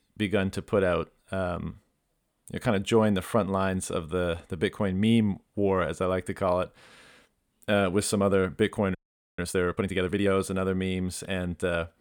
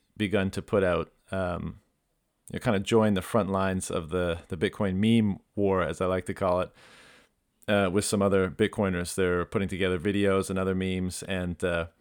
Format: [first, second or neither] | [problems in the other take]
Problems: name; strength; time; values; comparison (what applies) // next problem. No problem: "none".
second | audio freezing; at 9 s